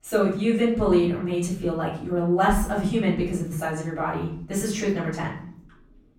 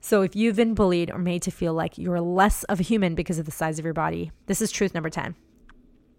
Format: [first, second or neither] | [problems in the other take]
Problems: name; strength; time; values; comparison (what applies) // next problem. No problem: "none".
second | off-mic speech; far // room echo; noticeable; dies away in 0.5 s